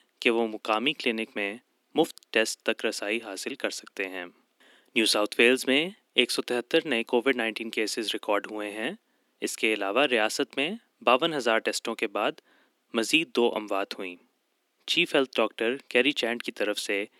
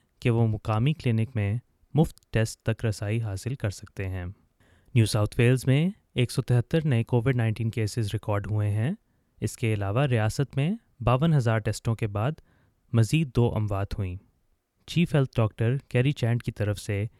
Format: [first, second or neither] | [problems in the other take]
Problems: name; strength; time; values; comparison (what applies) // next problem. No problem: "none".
second | thin; very; fading below 250 Hz